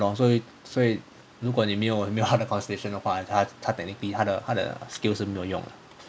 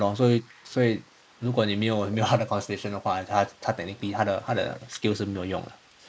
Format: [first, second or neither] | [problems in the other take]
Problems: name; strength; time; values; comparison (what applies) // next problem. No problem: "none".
first | noise reduction (neural mask model Resemble Enhance denoiser)